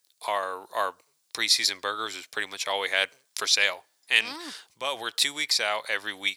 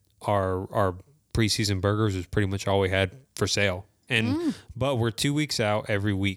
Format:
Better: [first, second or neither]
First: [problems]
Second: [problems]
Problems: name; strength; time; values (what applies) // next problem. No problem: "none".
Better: second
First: thin; very; fading below 1 kHz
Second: none